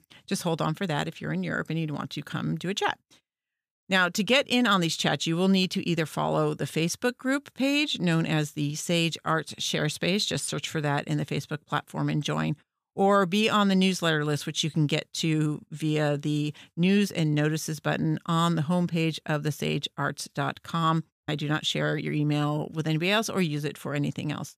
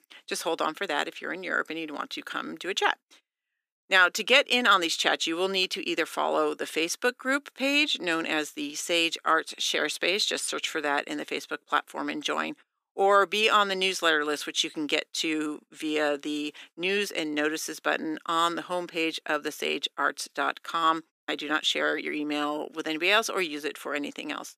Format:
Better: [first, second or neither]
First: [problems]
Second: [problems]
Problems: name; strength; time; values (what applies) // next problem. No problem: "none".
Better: first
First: none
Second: thin; somewhat; fading below 300 Hz